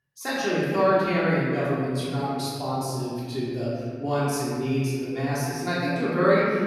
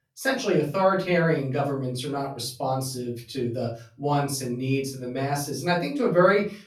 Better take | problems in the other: second | room echo; strong; dies away in 1.9 s; slight in the second // off-mic speech; far; far in the second

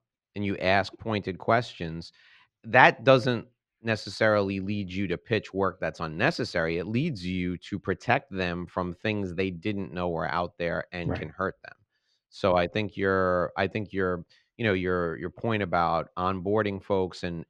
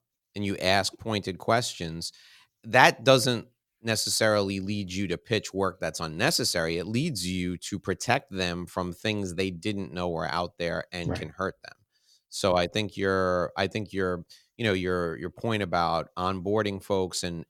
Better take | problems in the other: second | muffled; slightly; fading above 2.5 kHz

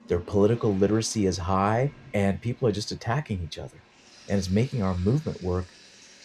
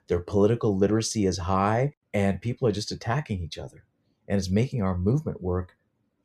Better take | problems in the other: second | household noises; faint; throughout; 25 dB below the speech

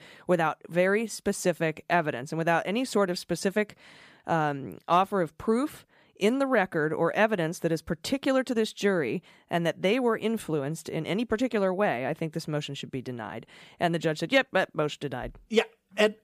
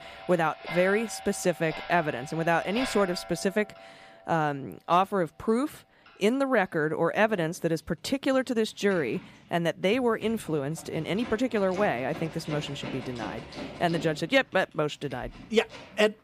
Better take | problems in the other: first | household noises; noticeable; throughout; 15 dB below the speech

